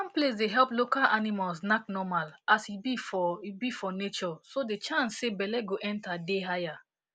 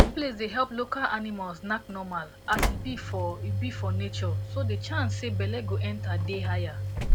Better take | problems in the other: first | background sound (Slam / Engine); 4 dB above the speech

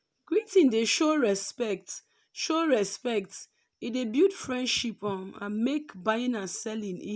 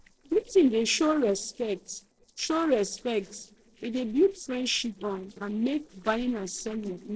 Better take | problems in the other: first | noise reduction (neural separator model SepFormer DNS4)

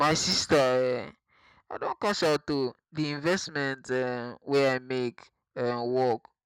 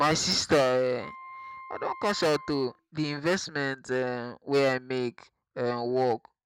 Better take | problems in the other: first | background sound (Wind instrument, woodwind instrument); 17 dB below the speech

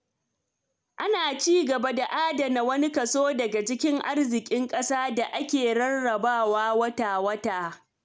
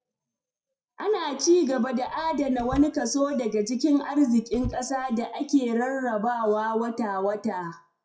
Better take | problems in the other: first | noise reduction (classical method WPE with log-MMSE)

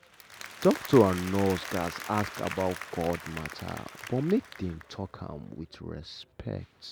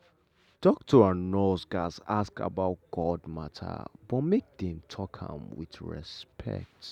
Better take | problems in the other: second | background sound (Applause); 13 dB below the speech

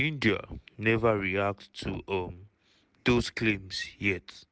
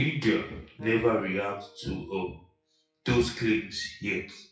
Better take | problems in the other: first | noise reduction (classical method WPE with log-MMSE)

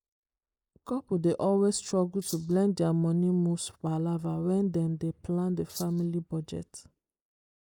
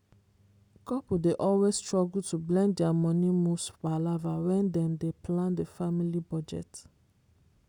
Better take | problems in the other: second | noise reduction (neural mask model Resemble Enhance denoiser)

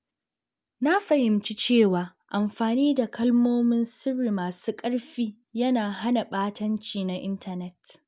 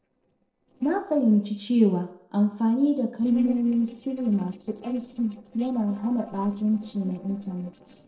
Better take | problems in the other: first | noise reduction (neural separator model SepFormer DNS4)

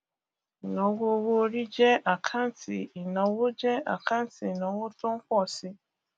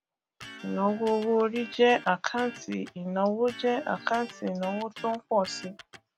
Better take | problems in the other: first | background sound (Electric guitar); 18 dB below the speech

